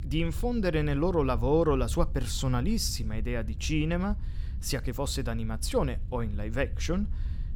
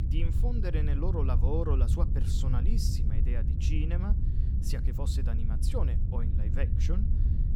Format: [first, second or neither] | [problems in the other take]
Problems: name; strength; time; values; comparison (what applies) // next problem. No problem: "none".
first | low rumble; loud; throughout; 5 dB below the speech; faint in the first